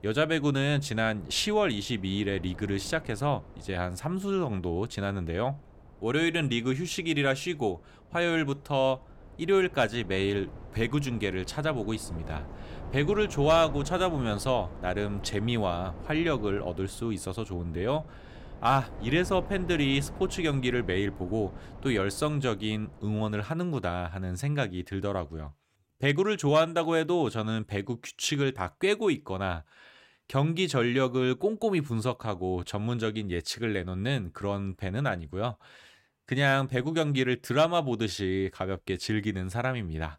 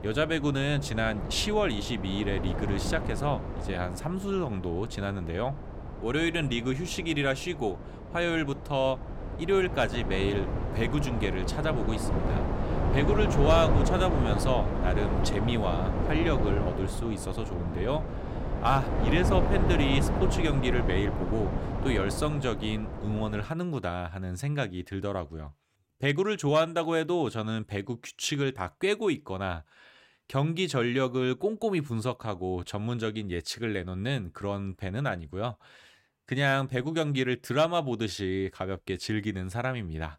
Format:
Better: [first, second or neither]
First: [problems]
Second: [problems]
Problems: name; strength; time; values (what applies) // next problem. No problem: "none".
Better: first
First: wind noise on the microphone; occasional gusts; until 23 s; 20 dB below the speech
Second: wind noise on the microphone; heavy; until 23 s; 5 dB below the speech